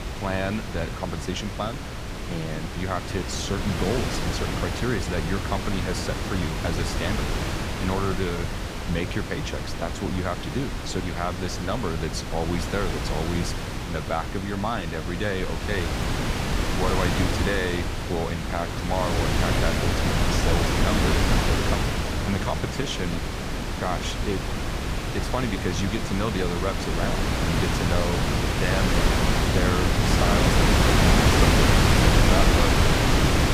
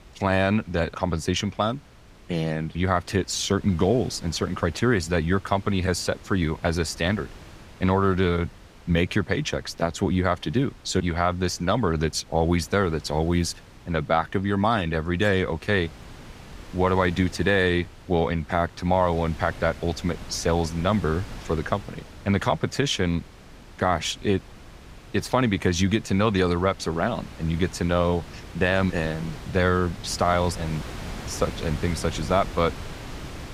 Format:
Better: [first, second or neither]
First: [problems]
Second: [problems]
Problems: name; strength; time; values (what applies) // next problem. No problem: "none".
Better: second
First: wind noise on the microphone; heavy; 3 dB above the speech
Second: wind noise on the microphone; occasional gusts; 20 dB below the speech